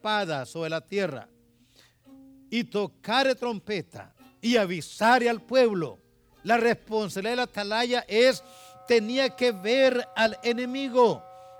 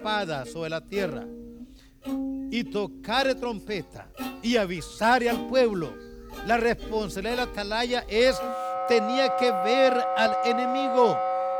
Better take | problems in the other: first | background music; loud; throughout; 5 dB below the speech; faint in the first

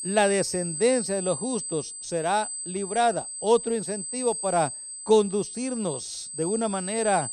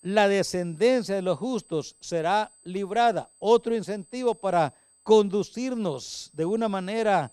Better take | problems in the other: second | high-pitched whine; loud; throughout; 8 kHz, 6 dB below the speech; faint in the second

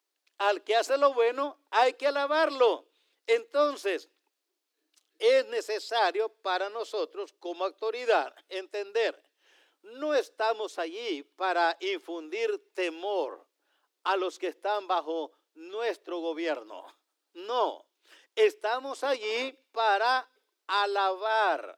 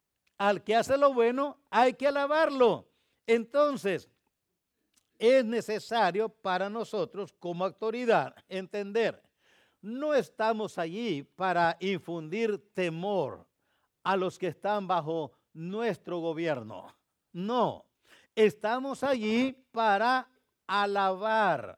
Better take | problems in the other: second | thin; somewhat; fading below 300 Hz

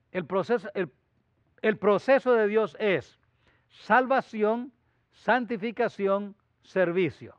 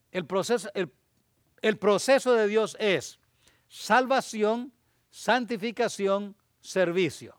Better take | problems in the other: second | muffled; very; fading above 2 kHz

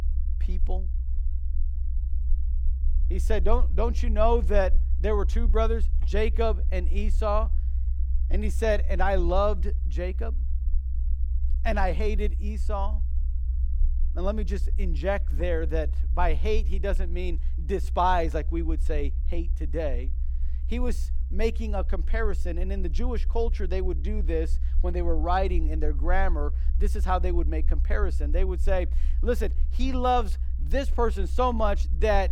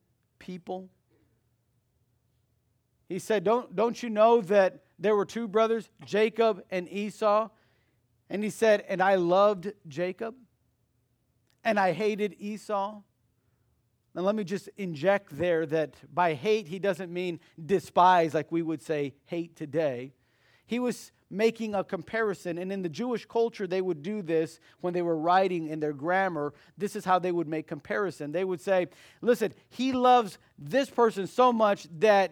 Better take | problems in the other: second | low rumble; faint; throughout; 20 dB below the speech

